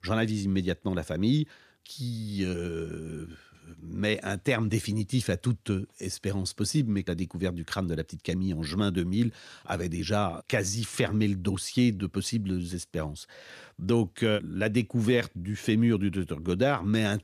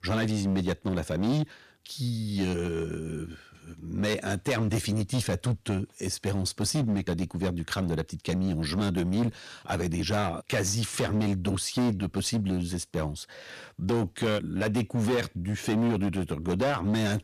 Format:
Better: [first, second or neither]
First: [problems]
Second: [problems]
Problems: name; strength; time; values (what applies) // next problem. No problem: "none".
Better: first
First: none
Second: distortion; heavy; 12% of the sound clipped